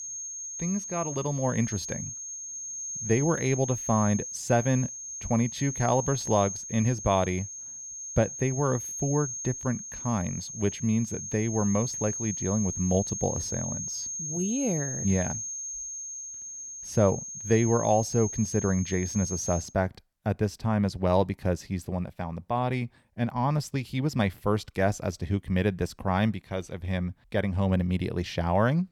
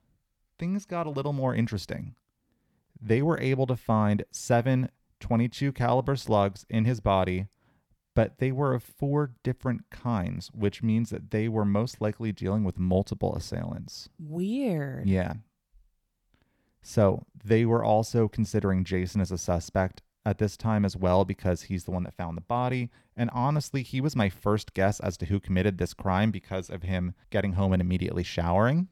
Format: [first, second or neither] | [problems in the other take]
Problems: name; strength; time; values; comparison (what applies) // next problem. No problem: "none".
second | high-pitched whine; loud; until 20 s; 6.5 kHz, 6 dB below the speech